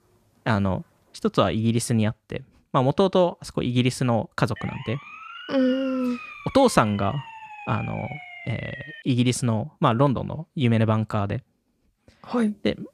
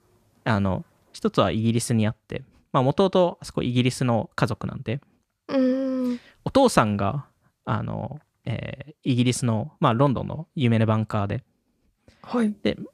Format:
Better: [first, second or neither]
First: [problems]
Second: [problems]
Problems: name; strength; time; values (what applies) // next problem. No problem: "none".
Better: second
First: siren; faint; from 4.5 to 9 s; peak 15 dB below the speech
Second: none